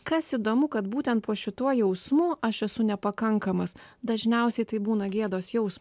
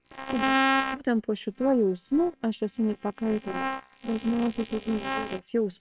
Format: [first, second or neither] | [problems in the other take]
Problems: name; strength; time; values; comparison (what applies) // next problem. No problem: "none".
first | noise reduction (neural separator model SepFormer WHAMR!)